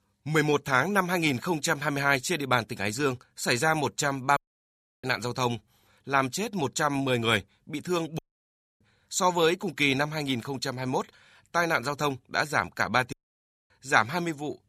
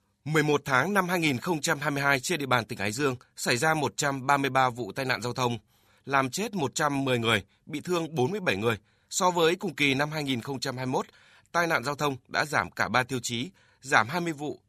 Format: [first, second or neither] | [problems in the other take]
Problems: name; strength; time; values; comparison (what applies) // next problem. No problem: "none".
second | audio cutting out; at 4.5 s for 0.5 s, at 8 s for 0.5 s and at 13 s for 0.5 s